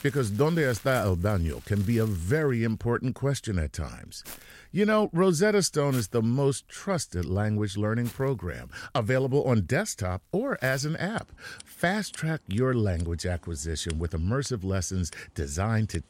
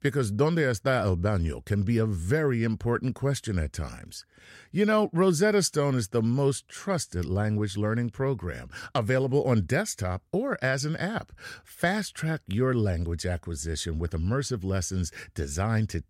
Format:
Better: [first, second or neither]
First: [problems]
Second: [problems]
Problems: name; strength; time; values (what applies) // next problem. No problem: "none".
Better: second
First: household noises; noticeable; throughout; 20 dB below the speech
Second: none